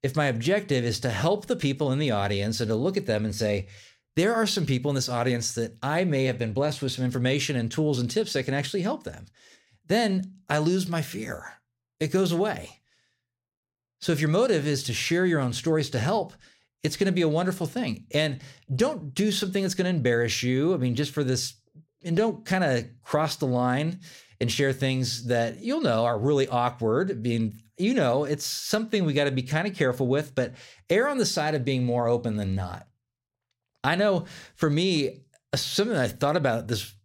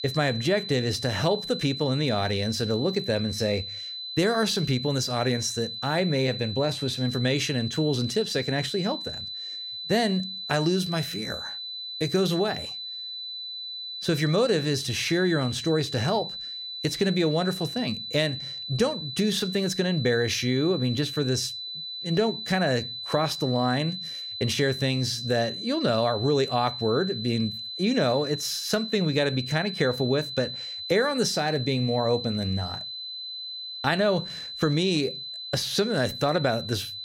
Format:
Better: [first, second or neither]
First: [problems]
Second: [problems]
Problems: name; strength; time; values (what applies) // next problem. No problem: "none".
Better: first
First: none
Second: high-pitched whine; loud; throughout; 4 kHz, 7 dB below the speech